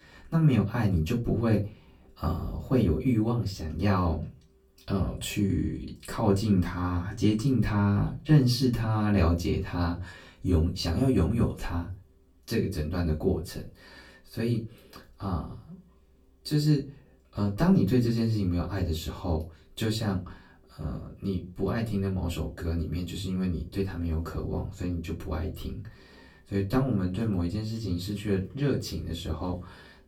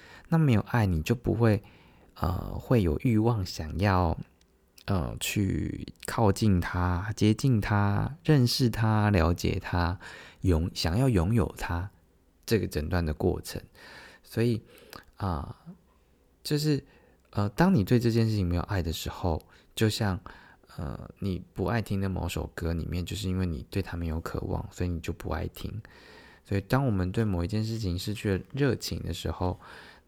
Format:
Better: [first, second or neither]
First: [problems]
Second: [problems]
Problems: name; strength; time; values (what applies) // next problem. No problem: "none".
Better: second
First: off-mic speech; far // room echo; very slight; dies away in 0.2 s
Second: none